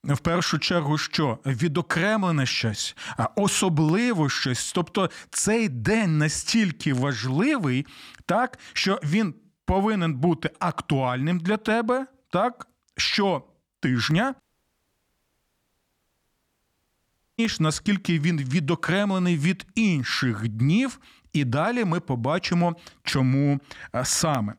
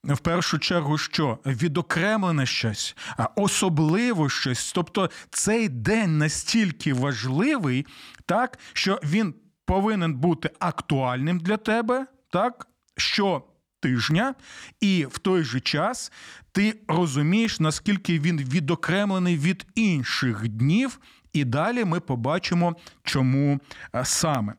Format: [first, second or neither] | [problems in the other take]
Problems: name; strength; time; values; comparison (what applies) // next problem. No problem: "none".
second | audio cutting out; at 14 s for 3 s